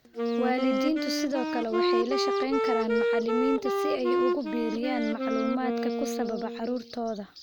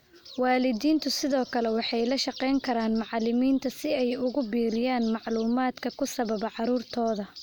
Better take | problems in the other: second | background sound (Wind instrument, woodwind instrument); 3 dB above the speech

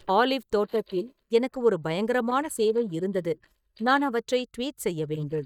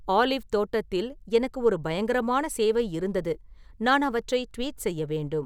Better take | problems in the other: second | noise reduction (neural mask model DeepFilterNet 3)

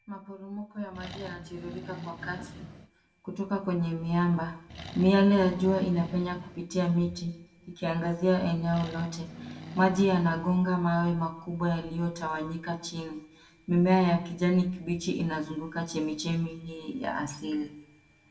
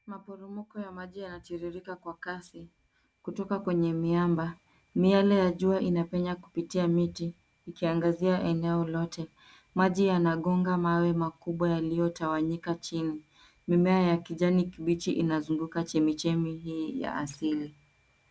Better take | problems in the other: second | background sound (Accelerating, revving, vroom); 14 dB below the speech // room echo; dies away in 0.6 s

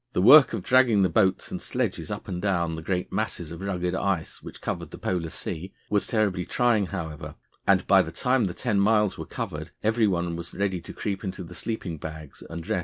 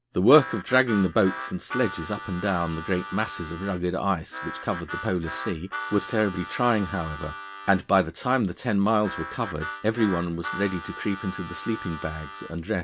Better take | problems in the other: first | background sound (Harmonica); 11 dB below the speech

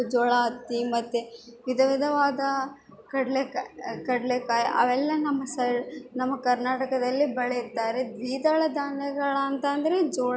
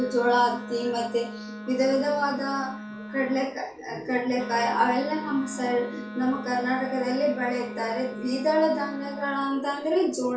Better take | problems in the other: first | background sound (Wind instrument, woodwind instrument); 12 dB below the speech // room echo; dies away in 0.3 s

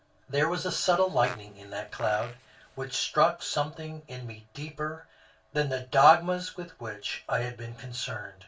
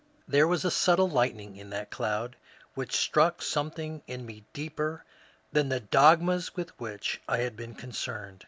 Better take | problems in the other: second | background sound (Fart); 17 dB below the speech // room echo; dies away in 0.2 s

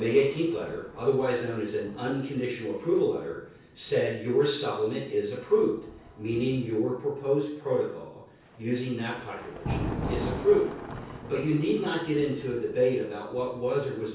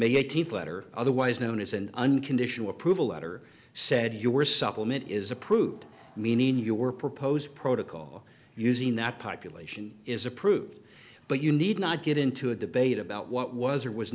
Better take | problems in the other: second | background sound (Thunder); 13 dB below the speech // room echo; dies away in 0.6 s

